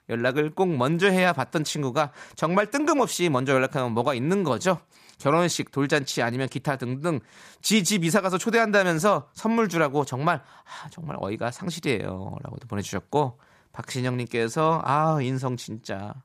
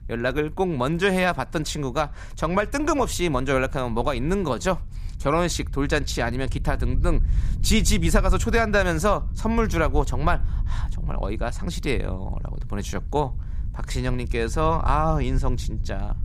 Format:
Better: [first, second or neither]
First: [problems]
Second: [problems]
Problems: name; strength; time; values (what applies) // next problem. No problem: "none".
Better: first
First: none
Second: low rumble; faint; throughout; 25 dB below the speech